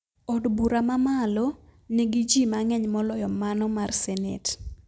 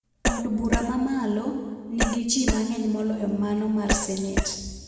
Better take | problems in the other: first | background sound (Cough); 2 dB below the speech // room echo; dies away in 1.5 s

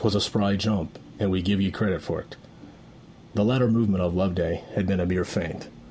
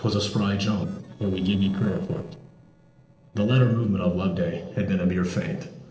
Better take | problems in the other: first | noise reduction (neural separator model SepFormer DNS4)

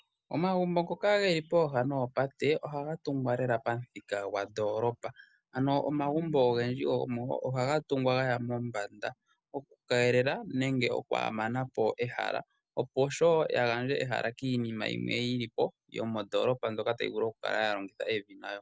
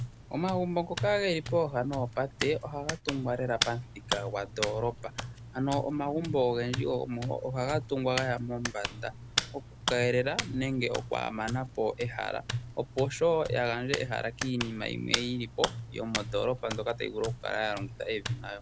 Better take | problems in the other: first | background sound (Hands); 6 dB below the speech

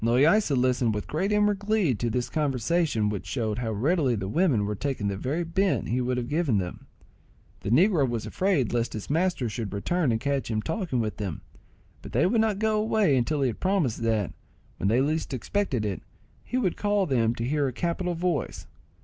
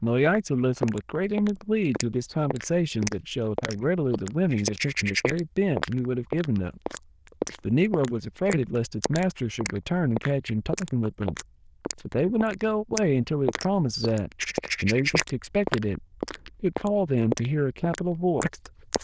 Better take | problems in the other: first | noise reduction (neural diffusion model UNIVERSE++)

